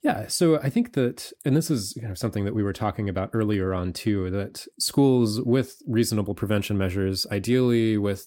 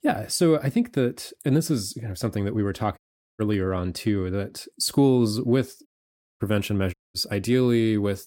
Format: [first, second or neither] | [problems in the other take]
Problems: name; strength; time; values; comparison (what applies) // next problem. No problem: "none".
first | audio cutting out; at 3 s, at 6 s for 0.5 s and at 7 s